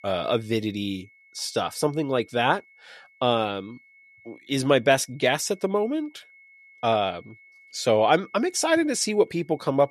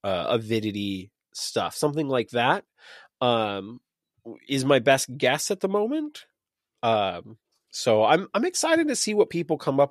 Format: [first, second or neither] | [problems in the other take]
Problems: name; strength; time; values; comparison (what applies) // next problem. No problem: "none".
second | high-pitched whine; faint; throughout; 2 kHz, 30 dB below the speech